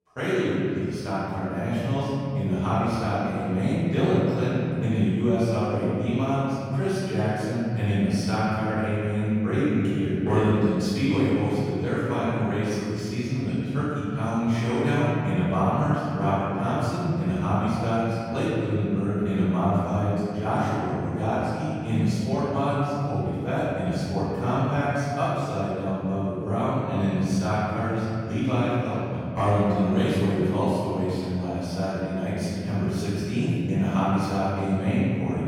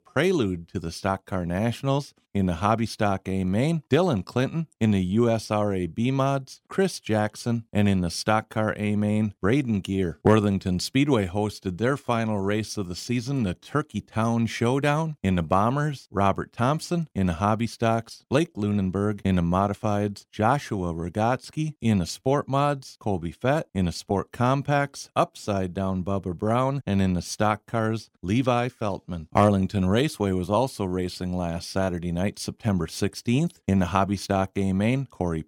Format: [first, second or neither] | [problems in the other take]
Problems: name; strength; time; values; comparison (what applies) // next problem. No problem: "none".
second | off-mic speech; far // room echo; strong; dies away in 2.9 s